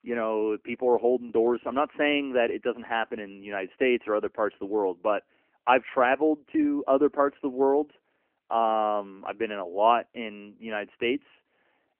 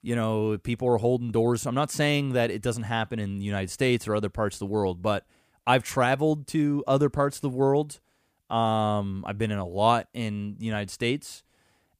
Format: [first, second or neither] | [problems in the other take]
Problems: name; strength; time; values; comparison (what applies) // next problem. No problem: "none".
second | phone-call audio; nothing above 3 kHz